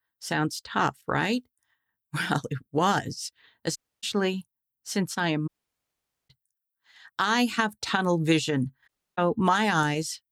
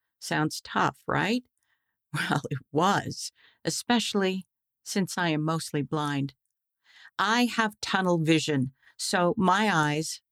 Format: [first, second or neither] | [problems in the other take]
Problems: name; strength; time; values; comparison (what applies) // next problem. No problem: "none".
second | audio cutting out; at 4 s, at 5.5 s for 1 s and at 9 s